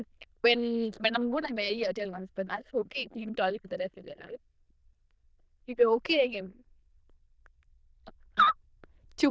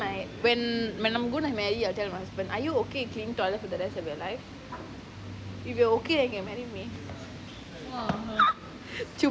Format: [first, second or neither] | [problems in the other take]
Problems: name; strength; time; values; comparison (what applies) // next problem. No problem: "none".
second | noise reduction (neural diffusion model UNIVERSE++)